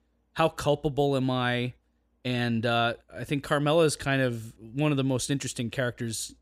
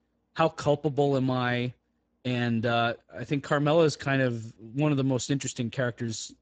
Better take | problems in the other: first | garbled, watery; badly; nothing above 7.5 kHz

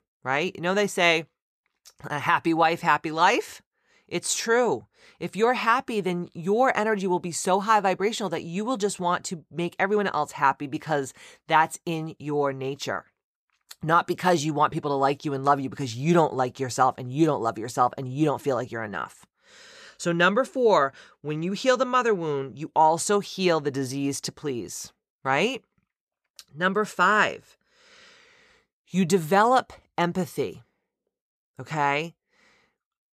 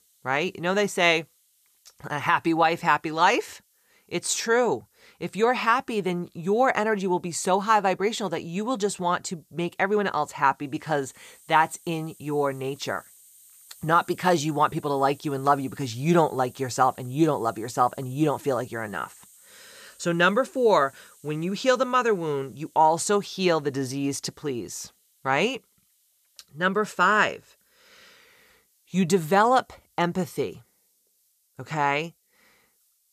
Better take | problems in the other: first | hiss; faint; throughout; 30 dB below the speech

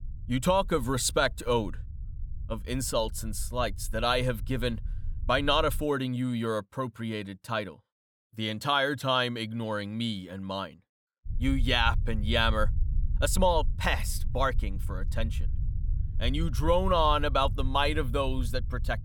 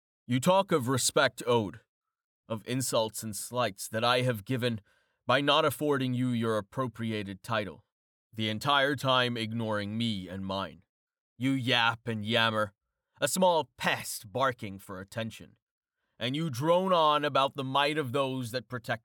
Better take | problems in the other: second | low rumble; faint; until 6 s and from 11 s on; 25 dB below the speech

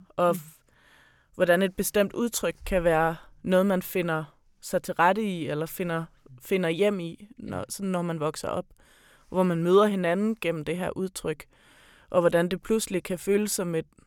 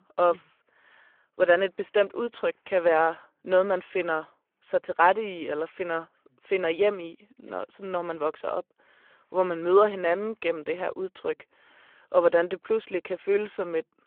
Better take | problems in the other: first | phone-call audio

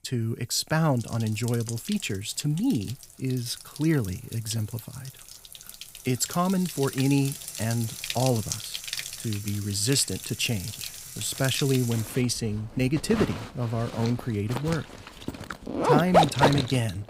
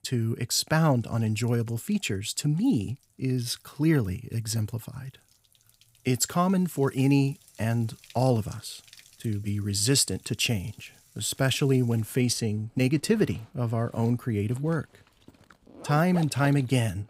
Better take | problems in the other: second | household noises; loud; throughout; 4 dB below the speech; faint in the second

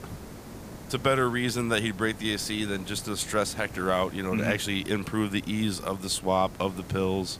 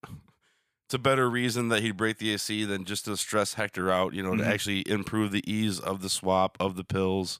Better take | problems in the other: second | hiss; noticeable; throughout; 15 dB below the speech

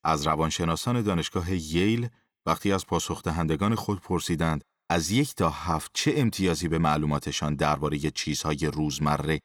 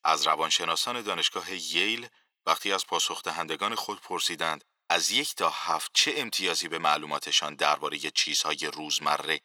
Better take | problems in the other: first | thin; very; fading below 650 Hz

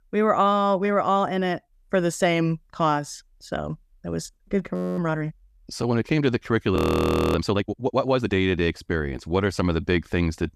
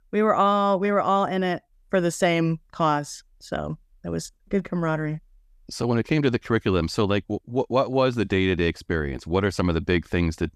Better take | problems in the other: second | audio freezing; at 4.5 s and at 7 s for 0.5 s

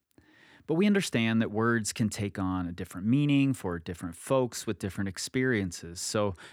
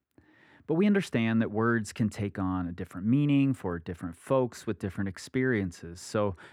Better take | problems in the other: first | muffled; slightly; fading above 2.5 kHz

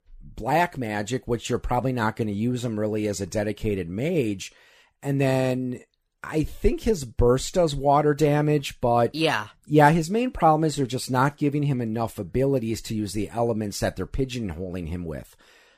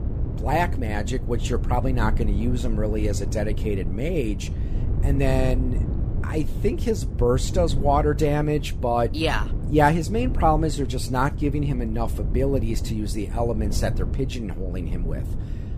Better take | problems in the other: first | wind noise on the microphone; occasional gusts; 15 dB below the speech

